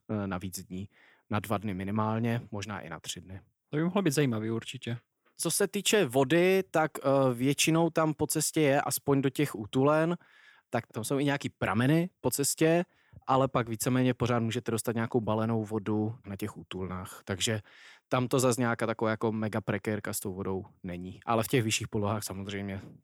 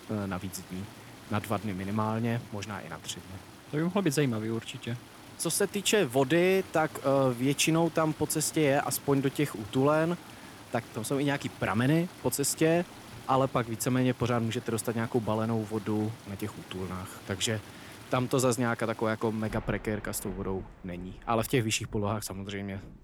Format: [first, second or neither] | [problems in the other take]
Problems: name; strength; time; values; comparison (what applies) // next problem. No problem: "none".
first | rain or running water; noticeable; throughout; 20 dB below the speech